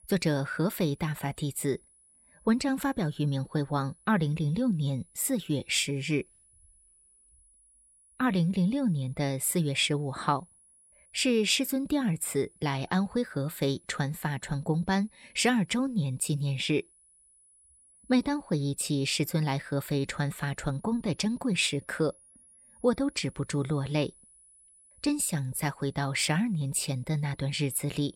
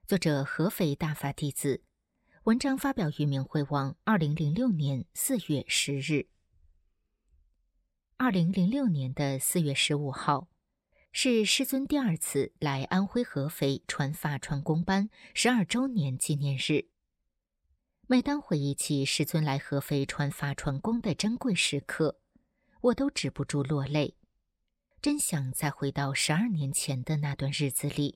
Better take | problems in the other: second | high-pitched whine; faint; throughout; 10 kHz, 30 dB below the speech

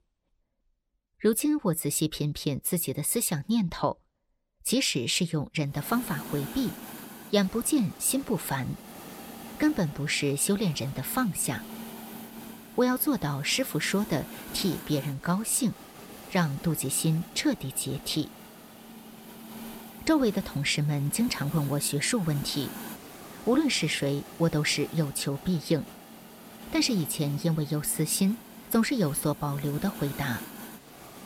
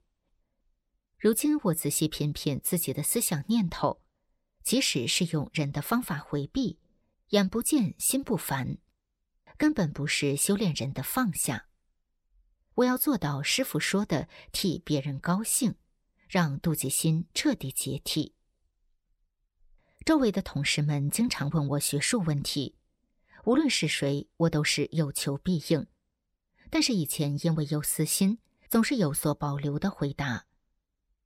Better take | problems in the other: second | hiss; noticeable; from 6 s on; 15 dB below the speech

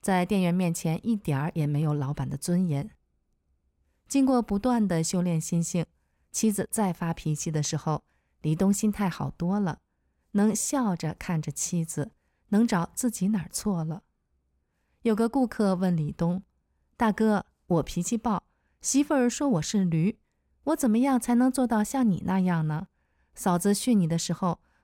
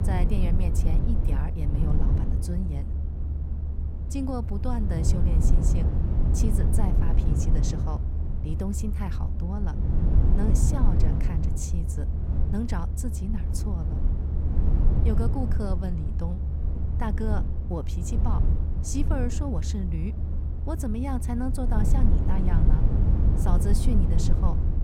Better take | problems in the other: first | low rumble; loud; throughout; 2 dB below the speech

